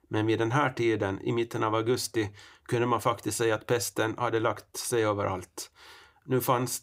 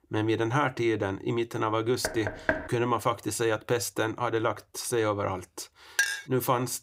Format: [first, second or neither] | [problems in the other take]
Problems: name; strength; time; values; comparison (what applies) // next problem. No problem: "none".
first | door banging; noticeable; at 2 s; peak 1 dB below the speech // clattering dishes; loud; at 6 s; peak 1 dB above the speech